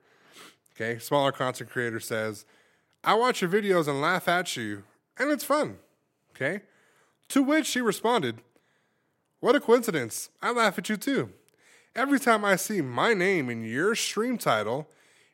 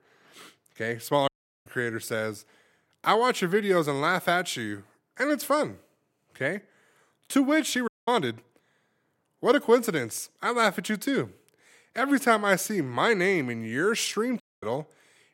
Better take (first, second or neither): first